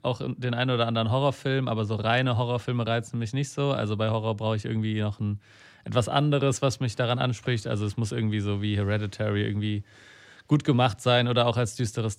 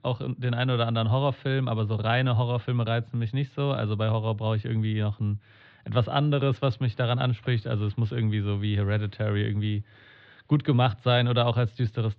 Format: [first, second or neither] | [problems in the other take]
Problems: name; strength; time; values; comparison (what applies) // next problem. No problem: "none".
first | muffled; slightly; fading above 4 kHz